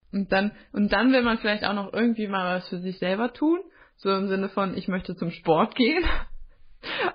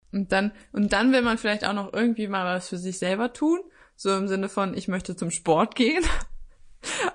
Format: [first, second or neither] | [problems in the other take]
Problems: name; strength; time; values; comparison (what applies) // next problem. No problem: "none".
second | garbled, watery; badly; nothing above 4.5 kHz; slightly in the second